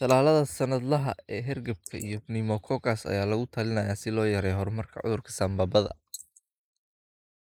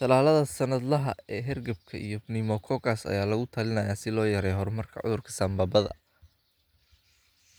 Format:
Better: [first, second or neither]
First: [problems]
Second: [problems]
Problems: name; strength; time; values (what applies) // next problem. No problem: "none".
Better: second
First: noise reduction (neural mask model Resemble Enhance denoiser)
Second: none